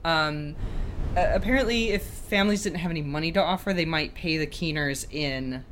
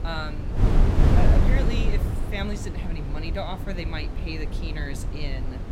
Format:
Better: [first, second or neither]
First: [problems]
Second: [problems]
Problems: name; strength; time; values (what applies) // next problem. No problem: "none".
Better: first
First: wind noise on the microphone; occasional gusts; 25 dB below the speech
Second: wind noise on the microphone; heavy; 1 dB below the speech